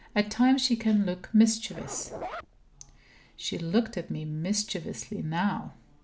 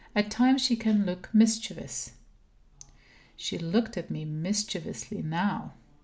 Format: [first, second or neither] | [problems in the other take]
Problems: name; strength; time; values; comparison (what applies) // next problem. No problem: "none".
second | background sound (Zipper (clothing)); 13 dB below the speech